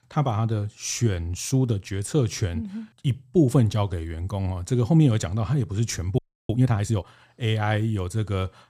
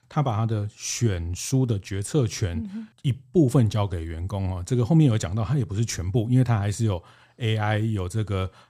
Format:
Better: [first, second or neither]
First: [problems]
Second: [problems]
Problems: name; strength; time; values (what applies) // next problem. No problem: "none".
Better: second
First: audio freezing; at 6 s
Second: none